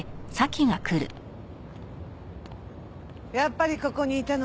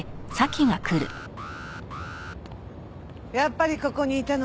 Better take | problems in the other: first | background sound (Alarm); 15 dB below the speech

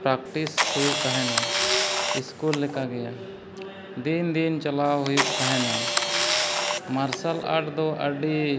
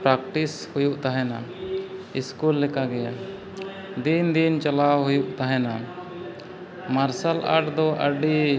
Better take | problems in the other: second | background sound (Camera); 1 dB above the speech

